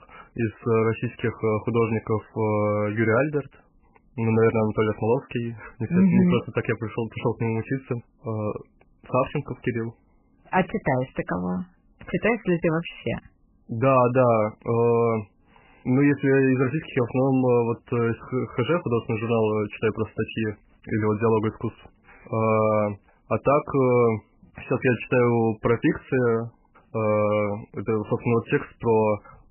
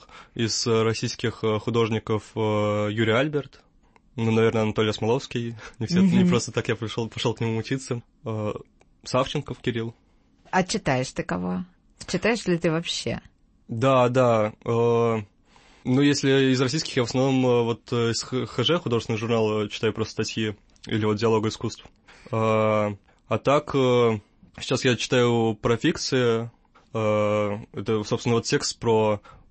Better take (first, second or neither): second